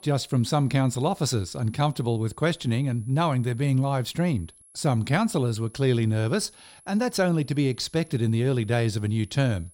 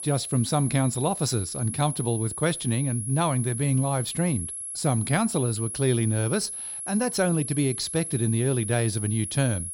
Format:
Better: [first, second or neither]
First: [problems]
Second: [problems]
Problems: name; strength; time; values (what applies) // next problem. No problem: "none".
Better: first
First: high-pitched whine; faint; throughout; 11 kHz, 25 dB below the speech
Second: high-pitched whine; loud; throughout; 11 kHz, 6 dB below the speech